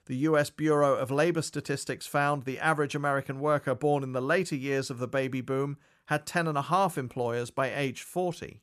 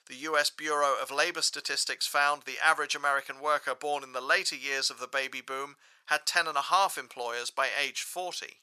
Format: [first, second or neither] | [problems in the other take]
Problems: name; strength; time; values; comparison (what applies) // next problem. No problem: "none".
first | thin; very; fading below 950 Hz